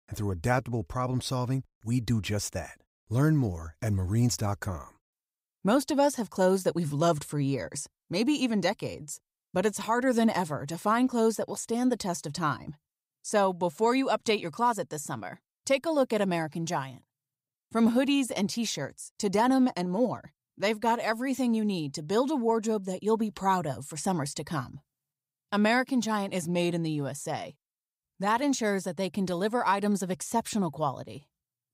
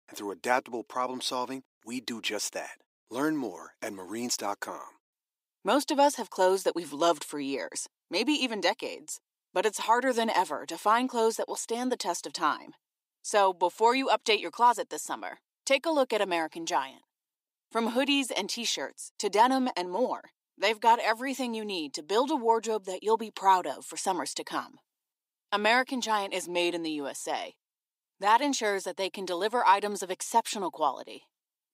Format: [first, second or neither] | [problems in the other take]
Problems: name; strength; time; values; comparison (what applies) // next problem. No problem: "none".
first | thin; somewhat; fading below 300 Hz